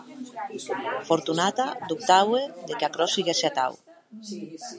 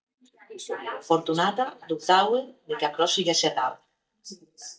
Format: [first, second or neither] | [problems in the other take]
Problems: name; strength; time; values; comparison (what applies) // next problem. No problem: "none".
first | noise reduction (neural mask model DeepFilterNet 3)